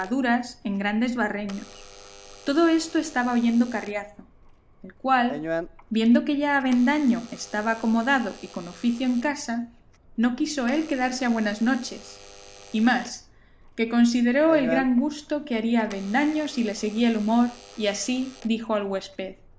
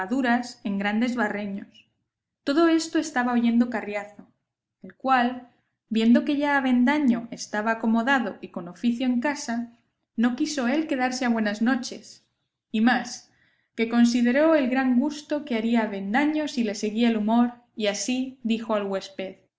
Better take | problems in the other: second | background sound (Alarm / Door); 17 dB below the speech

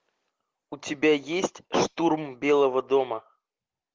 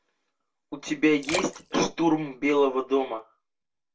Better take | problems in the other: first | background sound (Splash, splatter); 12 dB below the speech // room echo; dies away in 0.1 s

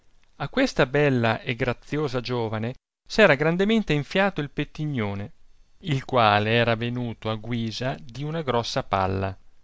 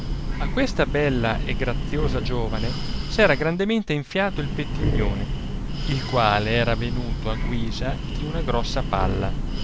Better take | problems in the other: first | background sound (Breathing); as loud as the speech

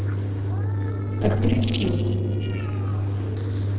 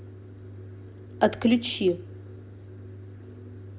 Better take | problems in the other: second | noise reduction (neural separator model SepFormer DNS4)

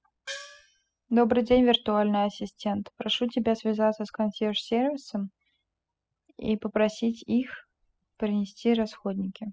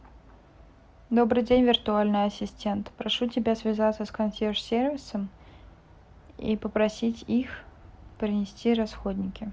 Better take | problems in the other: second | noise reduction (classical method spectral subtraction)

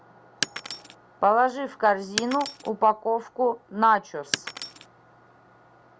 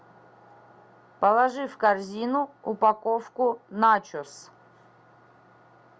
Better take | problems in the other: second | background sound (Shatter); 11 dB below the speech

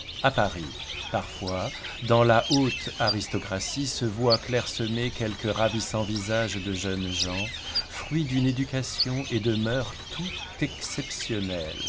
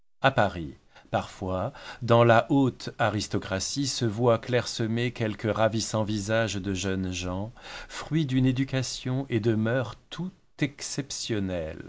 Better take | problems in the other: second | background sound (Bird); 8 dB below the speech

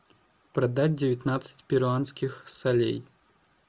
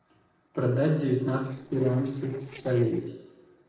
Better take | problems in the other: first | noise reduction (neural separator model SepFormer DNS4)

